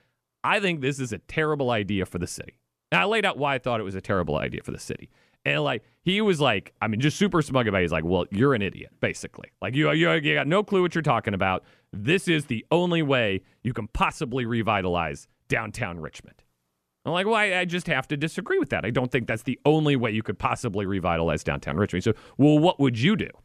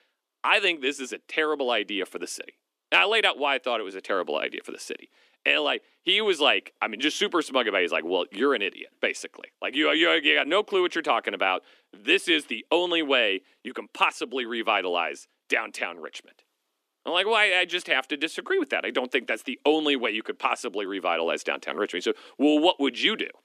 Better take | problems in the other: first | thin; somewhat; fading below 300 Hz

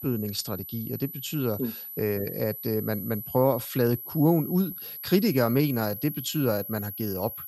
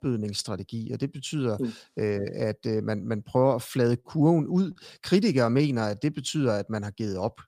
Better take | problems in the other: second | high-pitched whine; loud; throughout; 12 kHz, 9 dB below the speech

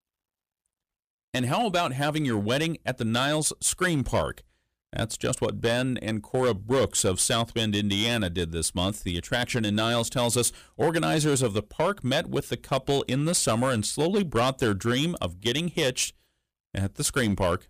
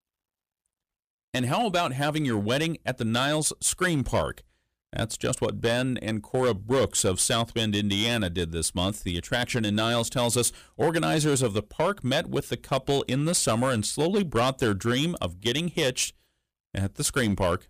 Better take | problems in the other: neither | distortion; slight; 4% of the sound clipped; the same in both

